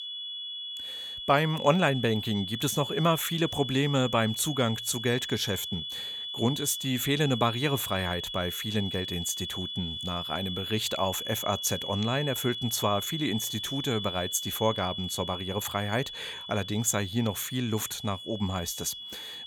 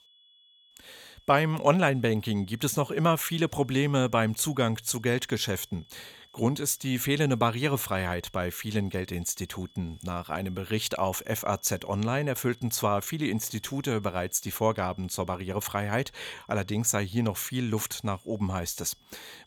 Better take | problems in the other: second | high-pitched whine; loud; throughout; 3.5 kHz, 6 dB below the speech; faint in the second

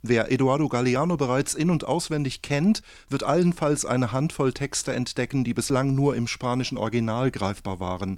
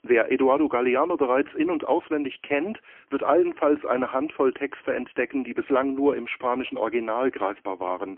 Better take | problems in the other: first | phone-call audio; poor line

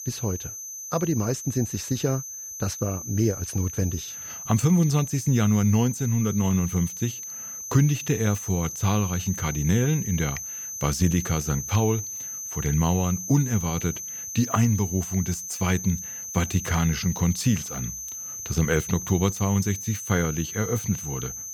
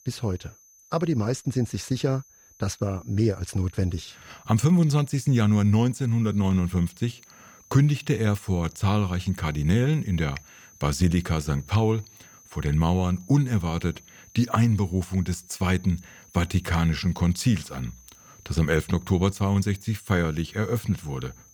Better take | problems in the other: second | high-pitched whine; loud; throughout; 6 kHz, 7 dB below the speech; faint in the second

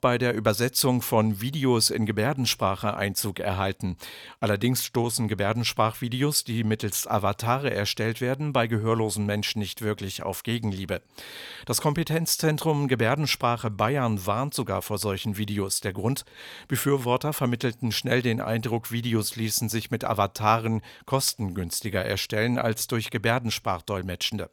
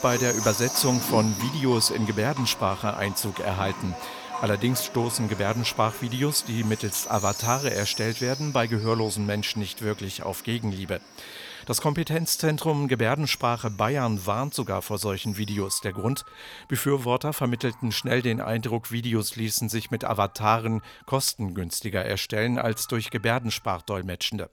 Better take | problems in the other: first | animal sounds; loud; throughout; 9 dB below the speech

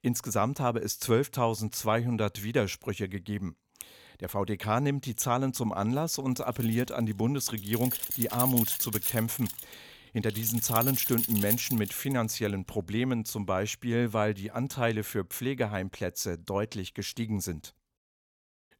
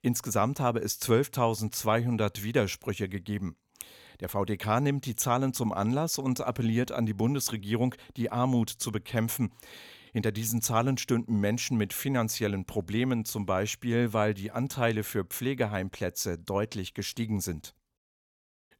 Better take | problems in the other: second | jangling keys; loud; from 6.5 to 12 s; peak 4 dB above the speech

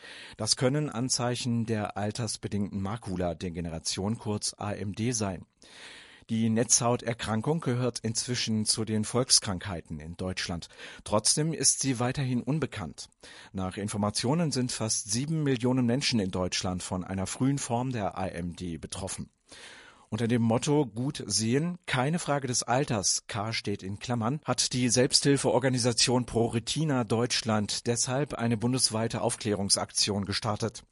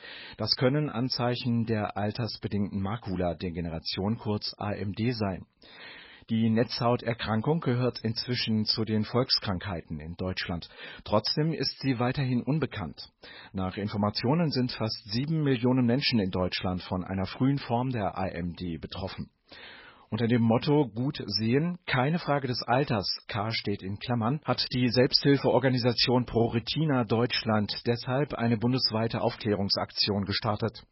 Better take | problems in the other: first | garbled, watery; badly; nothing above 5.5 kHz; slightly in the first

